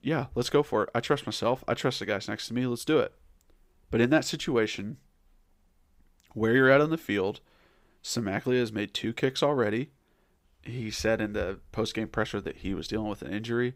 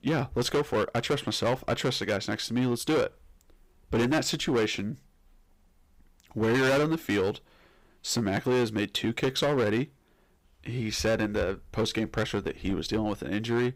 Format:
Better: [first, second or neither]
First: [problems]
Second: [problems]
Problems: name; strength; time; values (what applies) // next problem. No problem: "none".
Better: first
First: none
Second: distortion; heavy; 10% of the sound clipped